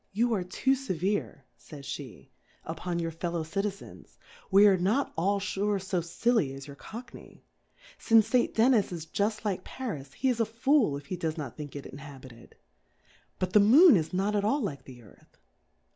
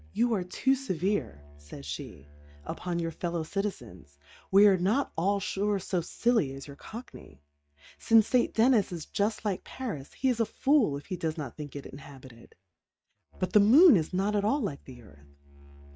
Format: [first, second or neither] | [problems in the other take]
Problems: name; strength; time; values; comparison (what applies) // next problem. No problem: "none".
first | noise reduction (neural mask model RNNoise)